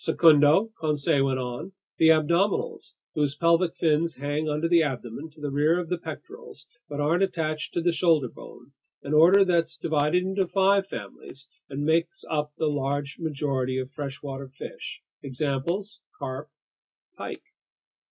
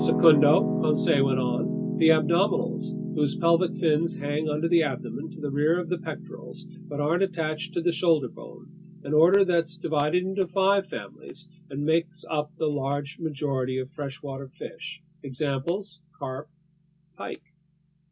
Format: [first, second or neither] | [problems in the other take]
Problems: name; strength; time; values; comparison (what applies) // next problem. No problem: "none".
first | background sound (Piano); 7 dB below the speech